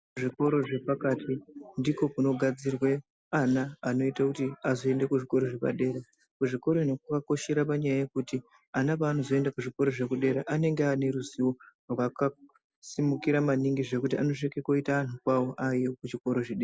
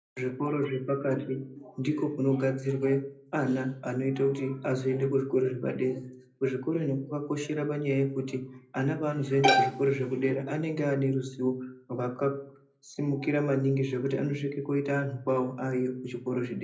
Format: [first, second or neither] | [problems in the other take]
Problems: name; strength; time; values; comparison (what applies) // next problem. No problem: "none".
first | background sound (Bowed string instrument); 3 dB above the speech // room echo; dies away in 0.5 s